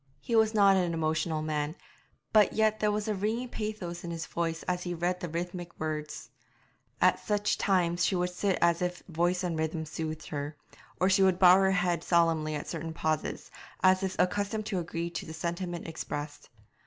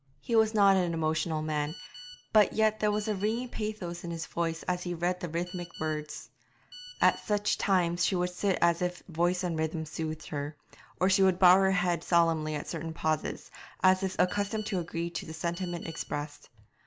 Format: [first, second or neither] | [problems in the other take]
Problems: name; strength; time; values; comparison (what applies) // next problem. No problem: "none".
first | background sound (Telephone); 19 dB below the speech